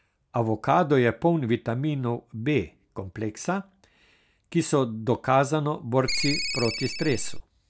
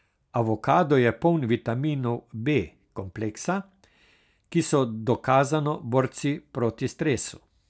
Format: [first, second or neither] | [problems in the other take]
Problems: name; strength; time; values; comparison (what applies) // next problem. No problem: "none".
second | background sound (Ringtone); 3 dB below the speech